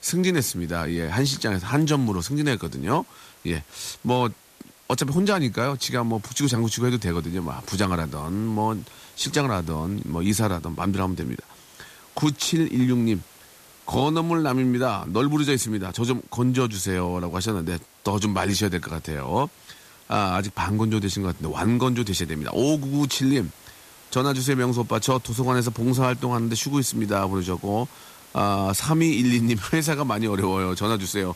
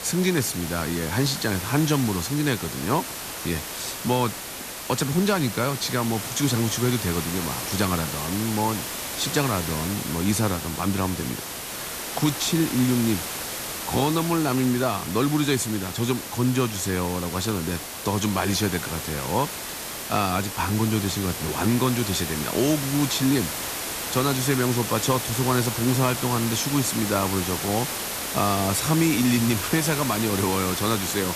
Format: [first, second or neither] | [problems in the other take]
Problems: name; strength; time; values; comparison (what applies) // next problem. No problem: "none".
first | hiss; loud; throughout; 5 dB below the speech; faint in the first